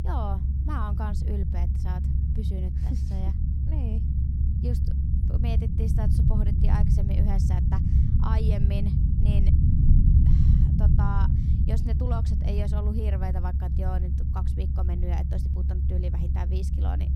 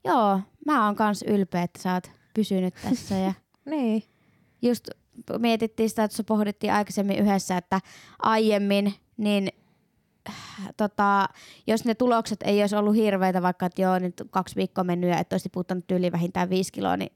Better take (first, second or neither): second